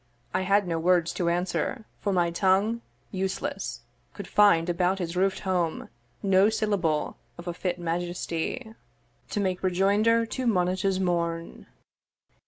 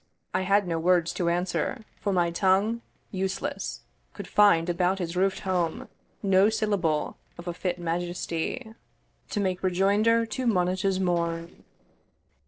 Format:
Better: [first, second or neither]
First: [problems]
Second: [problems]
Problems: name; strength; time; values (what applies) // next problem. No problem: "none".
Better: first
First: none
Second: noise reduction (neural separator model SepFormer DNS4)